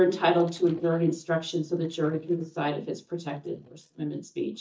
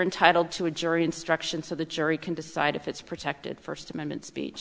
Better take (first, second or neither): second